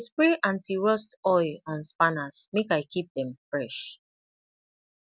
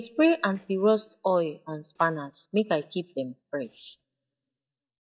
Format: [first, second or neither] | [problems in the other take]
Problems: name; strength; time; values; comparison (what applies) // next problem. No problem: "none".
first | noise reduction (neural mask model DeepFilterNet 3)